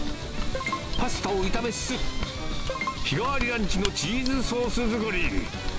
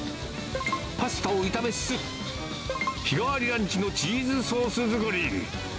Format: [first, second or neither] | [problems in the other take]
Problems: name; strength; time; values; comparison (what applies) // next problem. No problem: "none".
second | background sound (Mechanisms); 1 dB below the speech